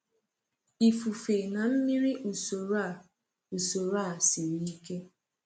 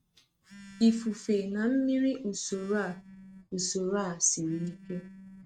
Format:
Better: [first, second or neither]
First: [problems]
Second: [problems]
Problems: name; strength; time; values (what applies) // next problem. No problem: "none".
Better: first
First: none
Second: noise reduction (neural mask model RNNoise)